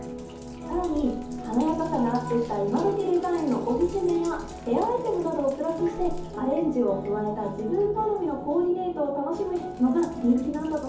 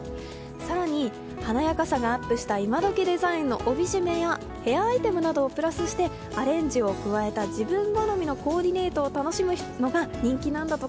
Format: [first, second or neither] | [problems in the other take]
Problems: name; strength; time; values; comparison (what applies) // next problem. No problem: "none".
second | background sound (Sink (filling or washing)); 17 dB below the speech // room echo; dies away in 0.6 s